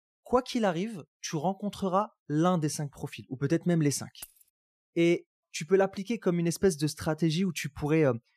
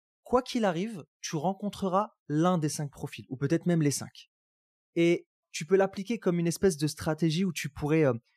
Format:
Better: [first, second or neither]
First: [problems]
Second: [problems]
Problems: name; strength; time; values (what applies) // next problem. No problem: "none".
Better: second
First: jangling keys; faint; at 4 s; peak 20 dB below the speech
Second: none